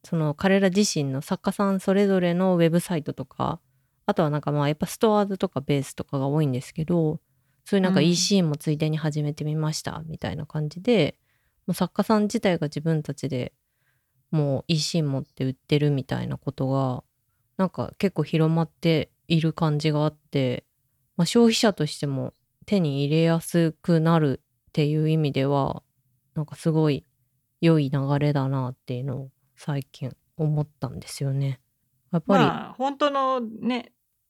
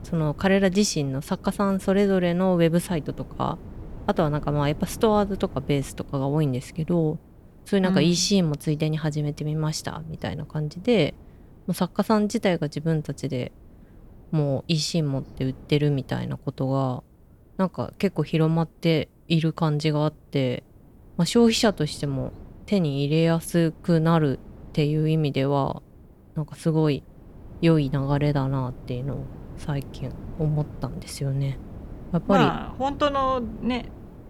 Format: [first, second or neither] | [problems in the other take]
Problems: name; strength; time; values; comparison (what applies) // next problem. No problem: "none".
first | wind noise on the microphone; occasional gusts; 25 dB below the speech